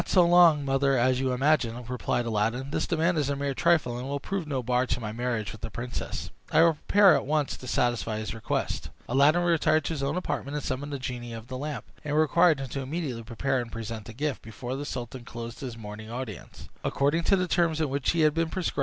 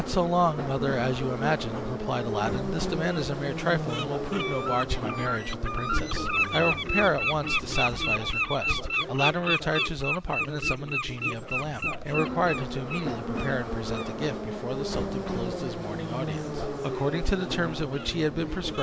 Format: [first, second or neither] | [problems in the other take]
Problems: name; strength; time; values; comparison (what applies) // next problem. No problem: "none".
first | background sound (Subway, metro, underground + Bird); 2 dB below the speech